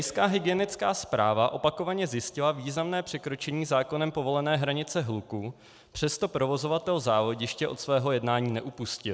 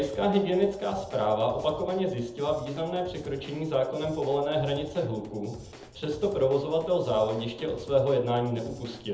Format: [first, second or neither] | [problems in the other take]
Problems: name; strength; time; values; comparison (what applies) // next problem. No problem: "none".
first | background sound (Drum / Drum kit); 18 dB below the speech // room echo; dies away in 0.7 s